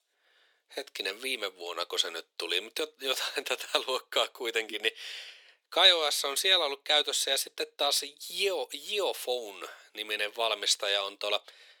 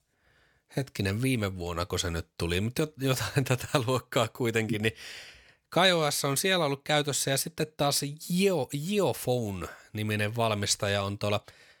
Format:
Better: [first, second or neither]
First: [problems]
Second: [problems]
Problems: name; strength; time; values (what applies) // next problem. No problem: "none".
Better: second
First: thin; very; fading below 400 Hz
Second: none